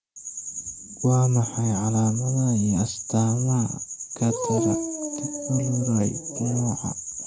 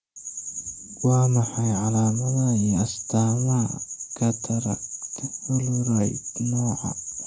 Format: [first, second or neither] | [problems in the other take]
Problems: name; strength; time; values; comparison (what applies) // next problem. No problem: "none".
second | background sound (Dog); 7 dB below the speech